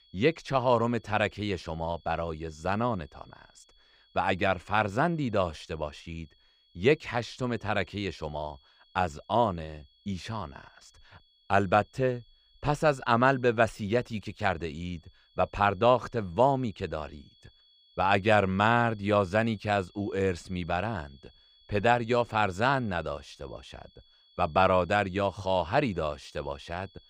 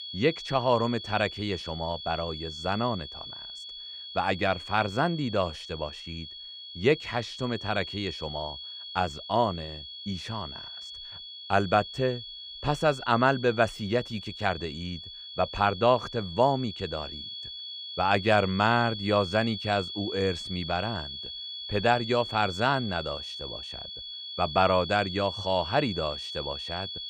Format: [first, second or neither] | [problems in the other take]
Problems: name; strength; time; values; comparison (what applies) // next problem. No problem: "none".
first | high-pitched whine; loud; throughout; 3.5 kHz, 9 dB below the speech; faint in the first